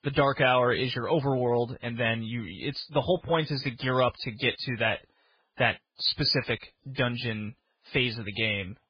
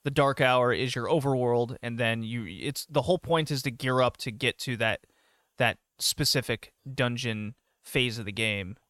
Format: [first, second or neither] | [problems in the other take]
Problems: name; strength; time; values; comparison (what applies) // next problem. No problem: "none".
second | garbled, watery; badly